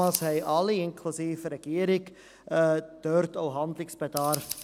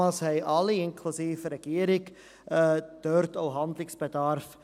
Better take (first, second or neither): second